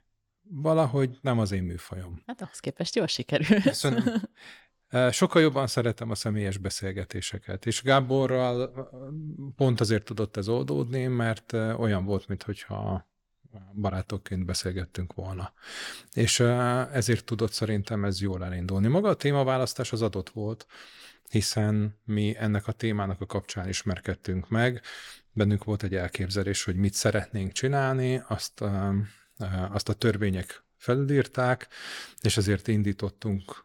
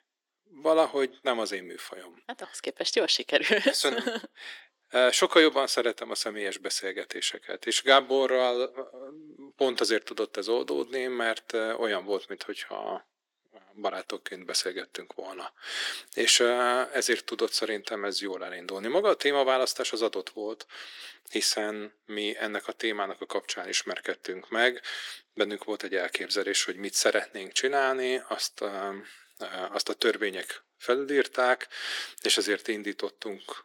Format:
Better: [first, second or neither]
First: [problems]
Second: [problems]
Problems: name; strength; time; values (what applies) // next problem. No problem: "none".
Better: first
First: none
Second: thin; very; fading below 300 Hz